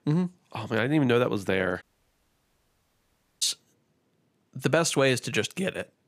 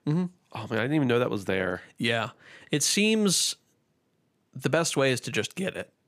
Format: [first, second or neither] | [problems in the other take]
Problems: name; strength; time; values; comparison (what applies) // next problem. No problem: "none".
second | audio cutting out; at 2 s for 1.5 s